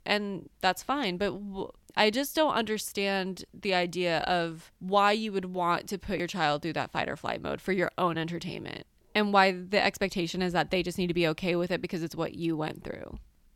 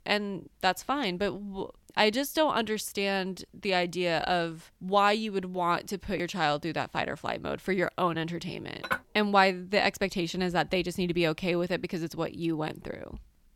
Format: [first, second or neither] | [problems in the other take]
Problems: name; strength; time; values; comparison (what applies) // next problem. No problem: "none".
first | clattering dishes; noticeable; at 9 s; peak 5 dB below the speech